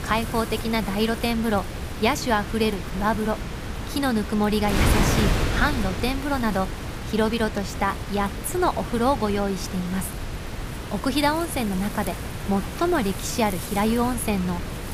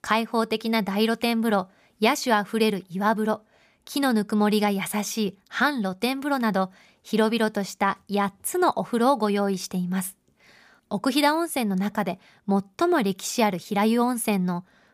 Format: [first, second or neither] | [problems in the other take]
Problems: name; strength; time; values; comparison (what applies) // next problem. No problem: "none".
second | wind noise on the microphone; heavy; 7 dB below the speech